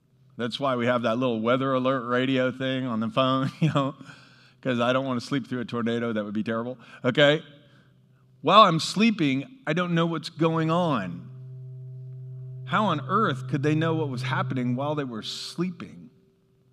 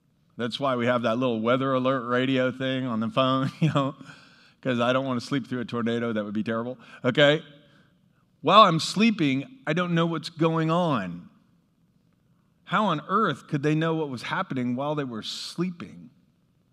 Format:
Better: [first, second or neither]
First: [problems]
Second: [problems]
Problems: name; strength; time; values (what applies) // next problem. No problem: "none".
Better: second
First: background music; noticeable; throughout; 10 dB below the speech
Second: none